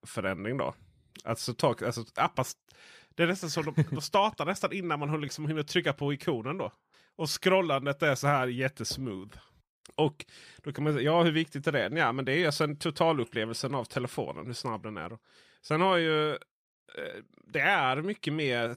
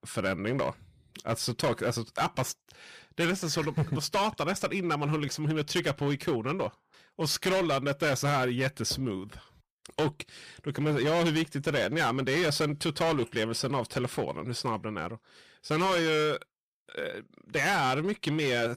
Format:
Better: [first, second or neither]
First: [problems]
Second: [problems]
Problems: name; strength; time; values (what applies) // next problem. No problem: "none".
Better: first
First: none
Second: distortion; heavy; 12% of the sound clipped